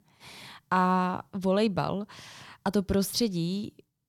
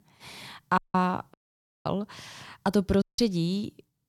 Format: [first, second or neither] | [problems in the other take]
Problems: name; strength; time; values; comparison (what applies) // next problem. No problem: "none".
first | audio cutting out; at 1 s, at 1.5 s for 0.5 s and at 3 s